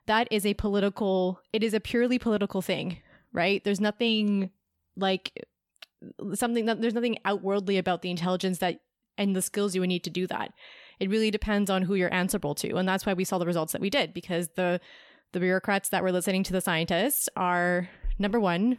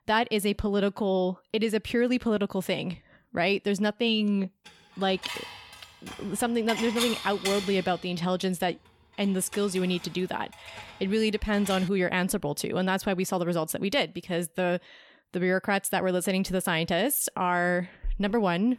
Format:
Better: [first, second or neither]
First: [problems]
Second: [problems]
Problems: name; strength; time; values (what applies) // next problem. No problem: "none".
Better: first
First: none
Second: clattering dishes; noticeable; from 5 to 12 s; peak 2 dB below the speech